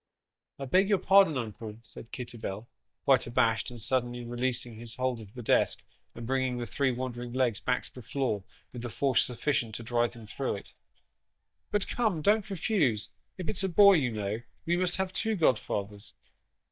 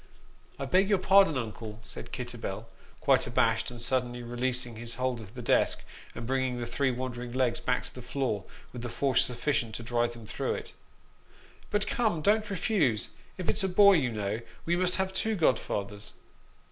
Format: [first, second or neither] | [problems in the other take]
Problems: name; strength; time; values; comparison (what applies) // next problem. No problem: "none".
second | noise reduction (neural mask model DeepFilterNet 3)